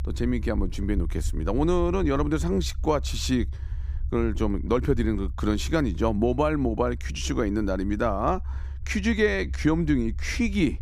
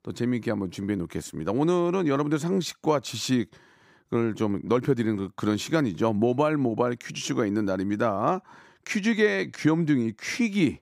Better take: second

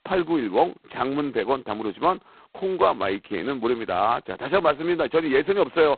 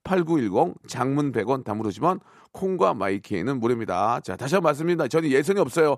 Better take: second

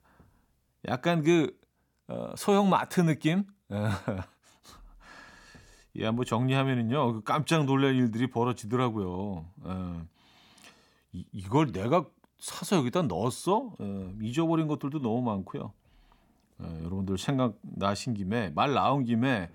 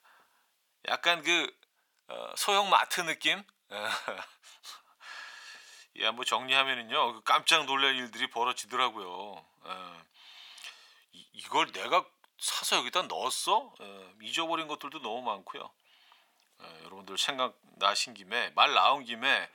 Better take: first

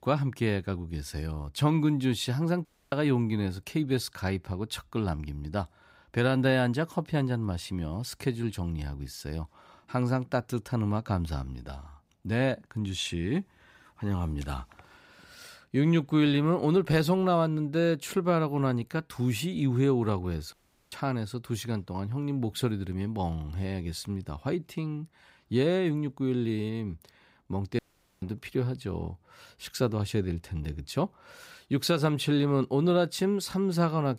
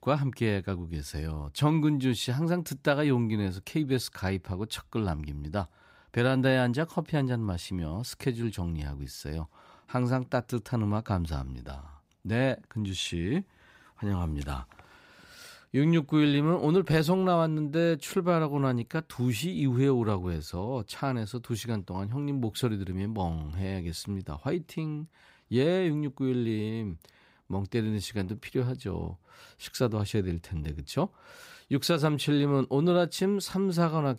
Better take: second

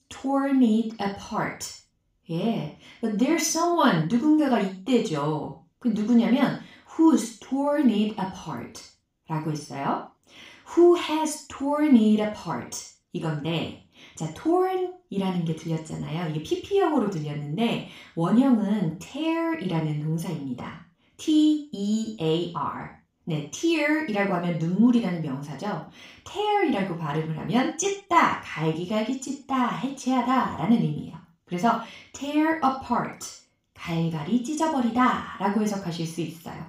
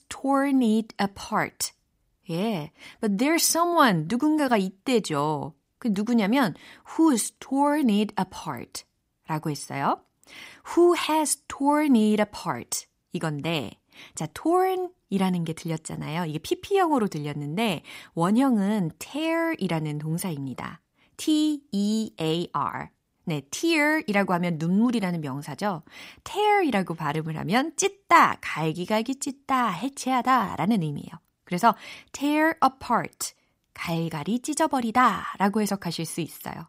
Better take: second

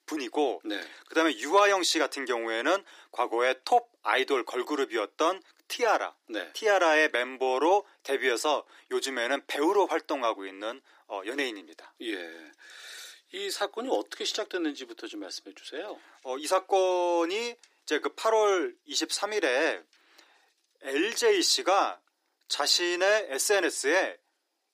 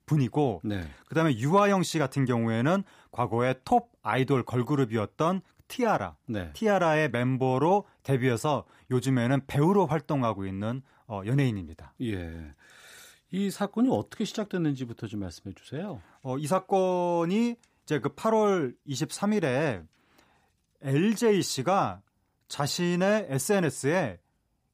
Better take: second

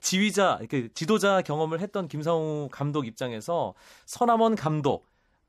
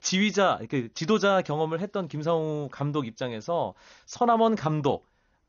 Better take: first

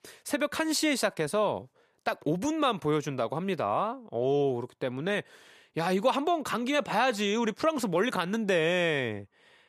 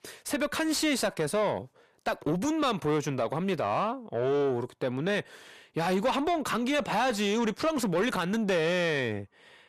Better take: first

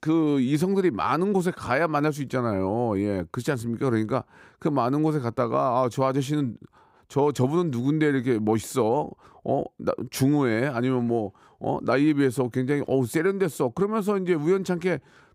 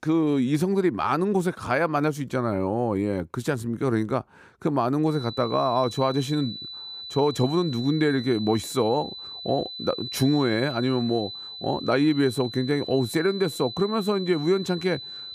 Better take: first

